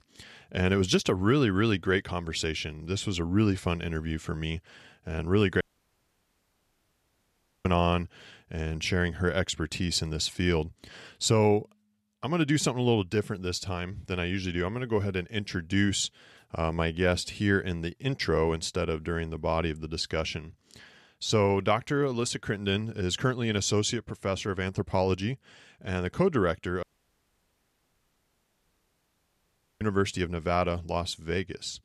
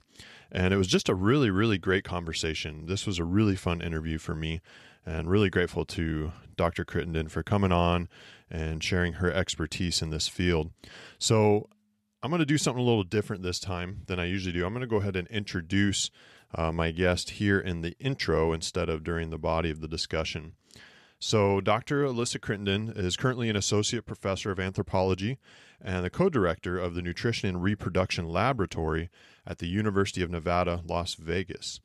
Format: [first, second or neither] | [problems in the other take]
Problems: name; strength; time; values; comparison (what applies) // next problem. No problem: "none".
second | audio cutting out; at 5.5 s for 2 s and at 27 s for 3 s